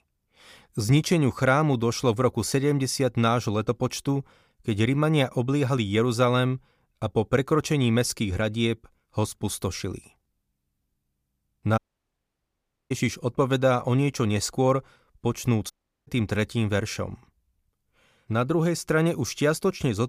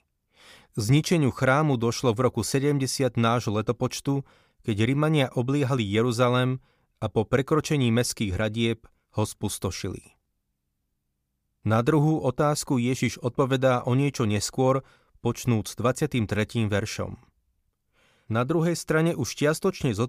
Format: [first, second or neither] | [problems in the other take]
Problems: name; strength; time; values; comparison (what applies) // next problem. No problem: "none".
second | audio cutting out; at 12 s for 1 s and at 16 s